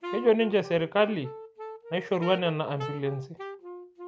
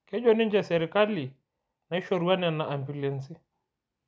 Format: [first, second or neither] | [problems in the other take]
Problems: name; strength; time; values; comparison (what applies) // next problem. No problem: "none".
second | background sound (Wind instrument, woodwind instrument); 12 dB below the speech